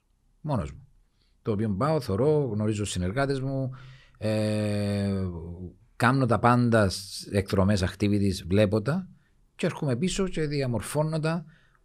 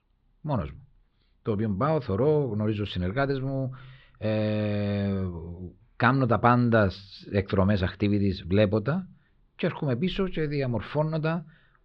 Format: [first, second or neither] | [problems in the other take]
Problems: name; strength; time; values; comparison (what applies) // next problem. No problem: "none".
first | muffled; slightly; fading above 4 kHz